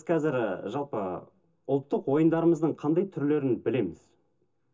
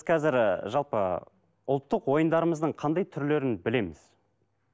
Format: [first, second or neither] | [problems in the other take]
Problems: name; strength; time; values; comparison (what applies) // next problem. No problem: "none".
second | room echo; dies away in 0.2 s